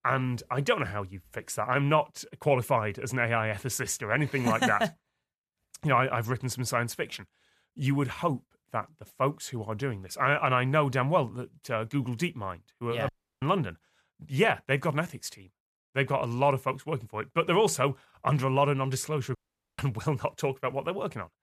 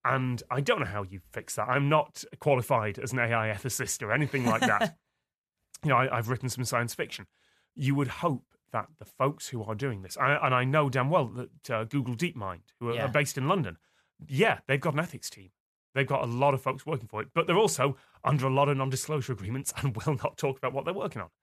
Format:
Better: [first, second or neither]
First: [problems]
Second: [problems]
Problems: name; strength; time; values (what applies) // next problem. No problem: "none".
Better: second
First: audio cutting out; at 13 s and at 19 s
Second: none